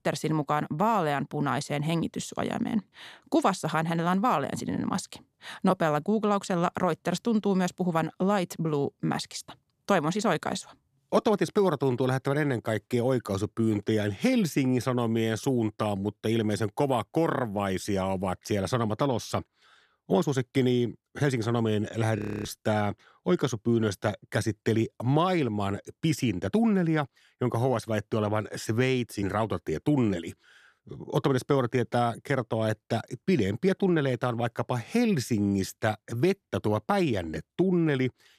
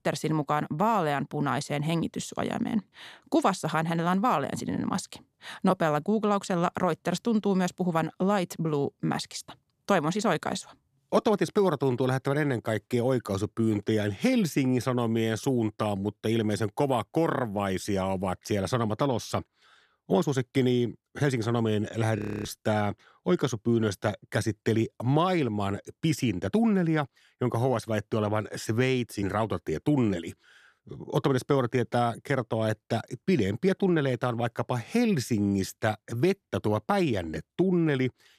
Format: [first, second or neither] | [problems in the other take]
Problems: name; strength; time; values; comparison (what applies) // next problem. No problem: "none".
neither | audio freezing; at 22 s; the same in both